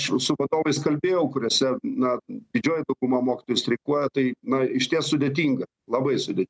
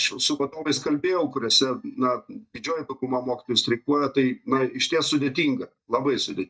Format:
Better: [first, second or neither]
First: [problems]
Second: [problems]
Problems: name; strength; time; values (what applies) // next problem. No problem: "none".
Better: first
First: none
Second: noise reduction (neural mask model DeepFilterNet 3)